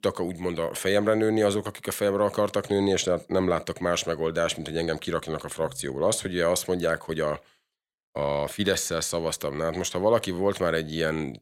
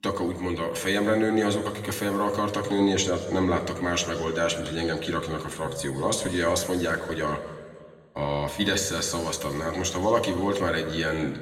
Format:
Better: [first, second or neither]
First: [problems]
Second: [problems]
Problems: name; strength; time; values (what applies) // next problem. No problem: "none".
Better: first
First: none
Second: room echo; slight; dies away in 1.4 s // off-mic speech; somewhat distant